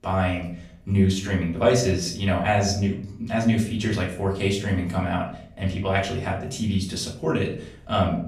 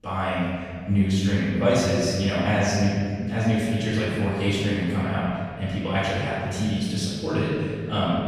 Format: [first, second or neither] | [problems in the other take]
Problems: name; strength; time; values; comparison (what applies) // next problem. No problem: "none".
first | room echo; strong; dies away in 2.3 s; slight in the first // off-mic speech; far; far in the first